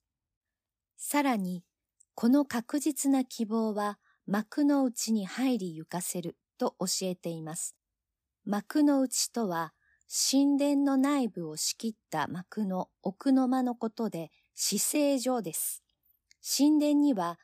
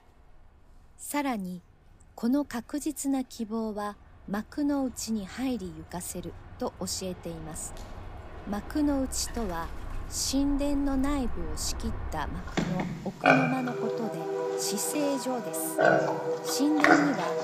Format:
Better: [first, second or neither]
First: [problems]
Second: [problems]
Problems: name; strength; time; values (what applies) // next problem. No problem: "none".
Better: first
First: none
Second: animal sounds; very loud; throughout; 1 dB above the speech